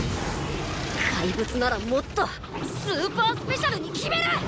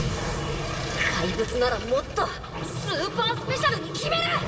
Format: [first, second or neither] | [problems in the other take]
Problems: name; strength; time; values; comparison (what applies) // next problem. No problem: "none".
first | room echo; dies away in 2.7 s